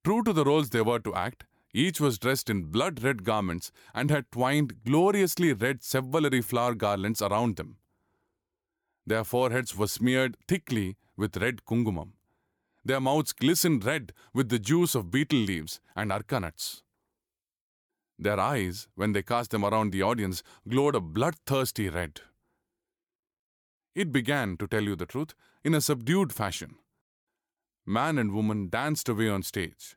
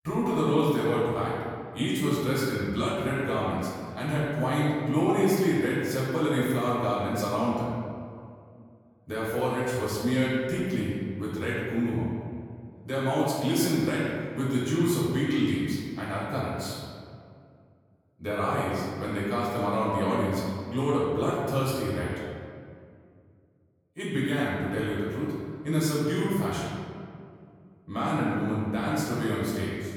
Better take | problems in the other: first | off-mic speech; far // room echo; strong; dies away in 1.9 s

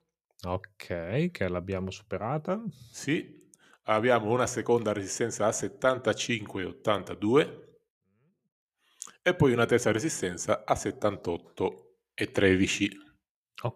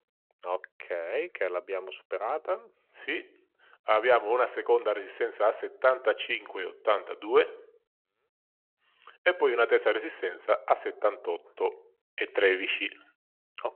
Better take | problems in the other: first | phone-call audio

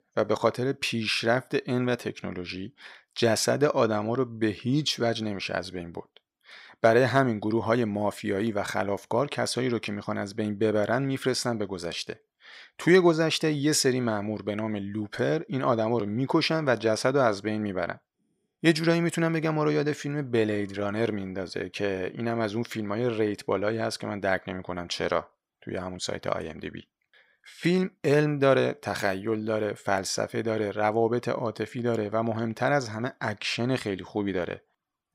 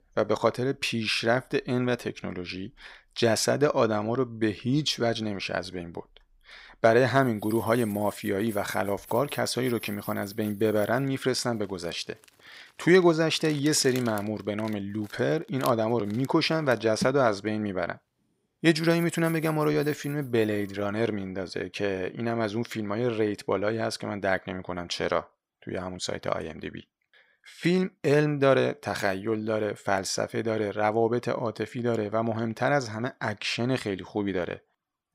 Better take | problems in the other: first | household noises; noticeable; until 20 s; 20 dB below the speech

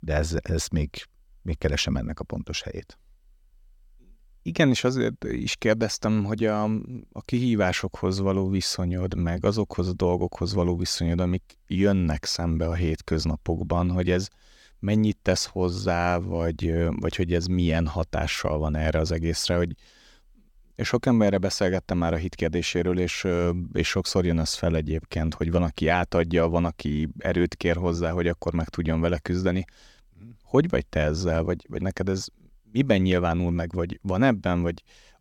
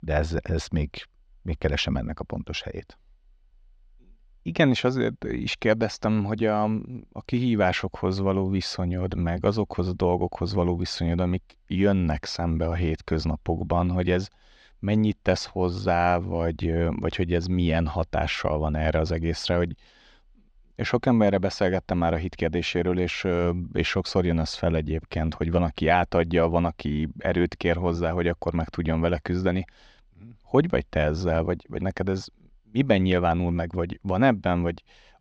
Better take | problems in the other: first | muffled; very slightly; fading above 3.5 kHz

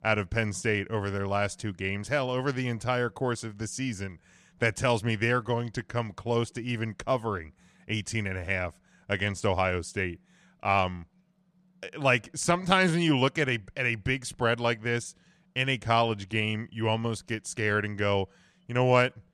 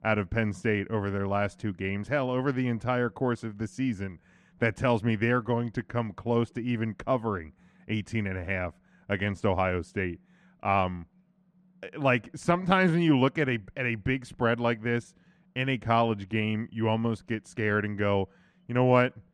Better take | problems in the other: first | muffled; slightly; fading above 3.5 kHz

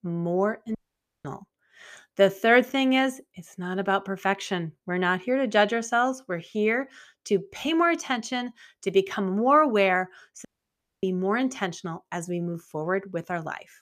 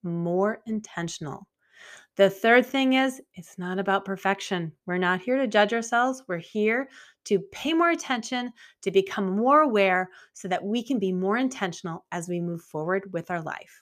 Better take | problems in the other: second | audio cutting out; at 1 s for 0.5 s and at 10 s for 0.5 s

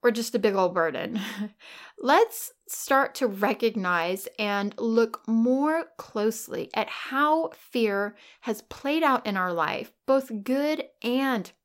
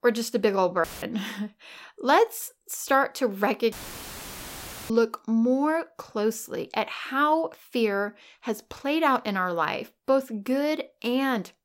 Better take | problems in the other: first | audio cutting out; filled with static; at 1 s and at 3.5 s for 1 s

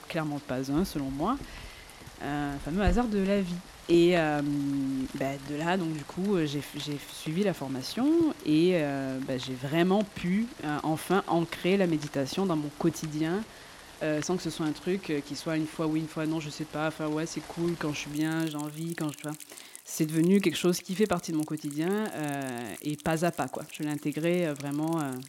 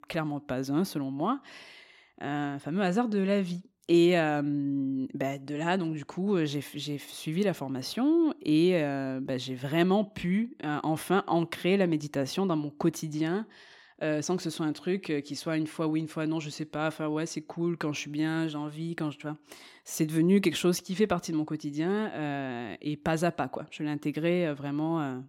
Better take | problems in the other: second | rain or running water; noticeable; throughout; 15 dB below the speech

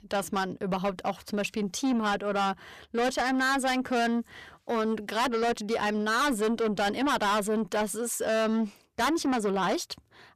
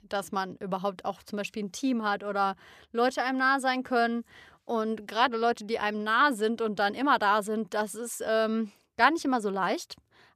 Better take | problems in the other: second | distortion; heavy; 6 dB below the speech

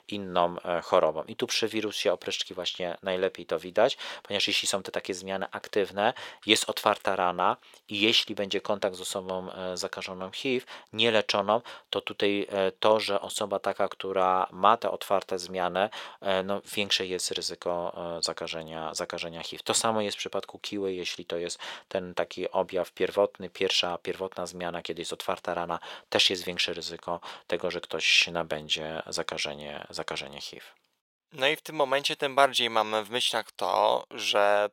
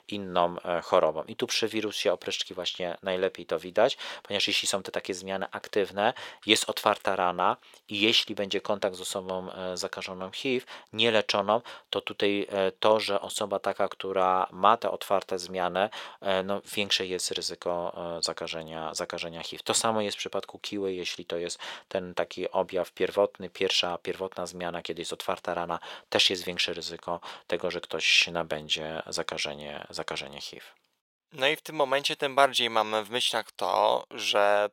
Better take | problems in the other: neither | thin; very; fading below 550 Hz; the same in both

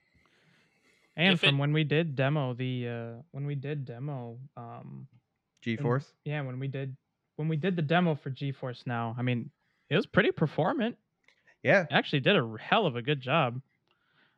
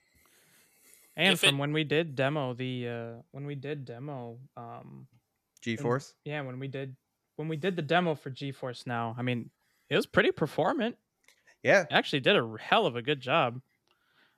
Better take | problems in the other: second | muffled; very slightly; fading above 3 kHz

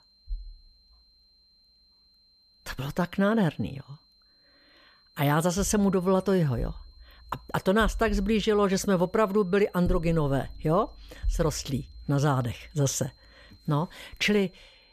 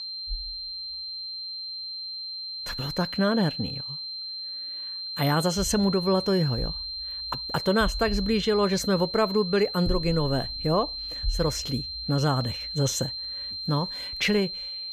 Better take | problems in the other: first | high-pitched whine; loud; throughout; 4 kHz, 6 dB below the speech; faint in the first

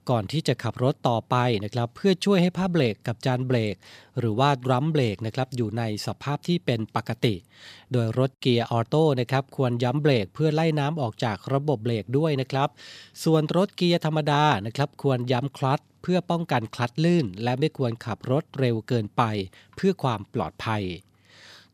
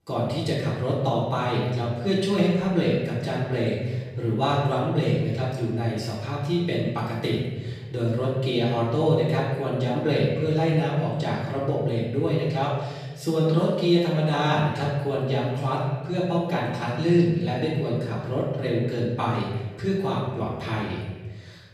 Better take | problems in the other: first | off-mic speech; far // room echo; noticeable; dies away in 1.4 s

